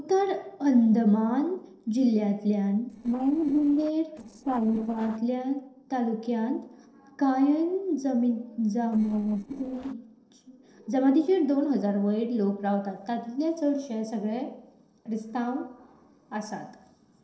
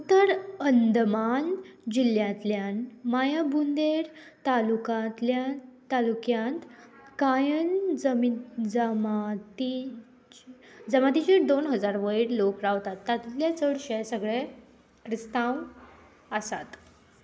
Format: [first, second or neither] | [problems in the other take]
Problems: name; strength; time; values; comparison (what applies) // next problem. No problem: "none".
second | noise reduction (neural separator model SepFormer DNS4)